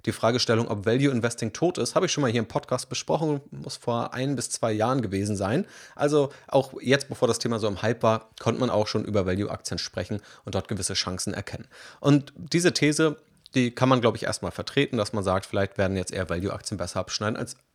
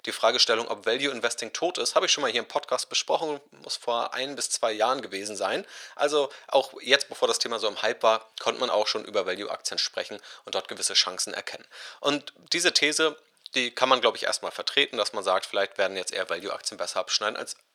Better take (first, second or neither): first